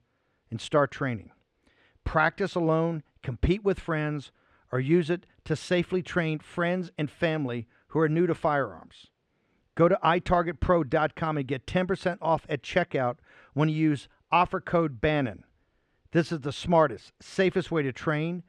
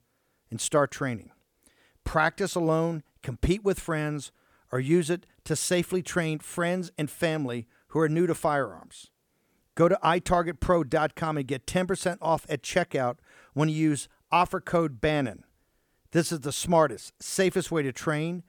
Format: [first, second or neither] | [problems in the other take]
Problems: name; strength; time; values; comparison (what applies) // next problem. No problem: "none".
second | muffled; slightly; fading above 3 kHz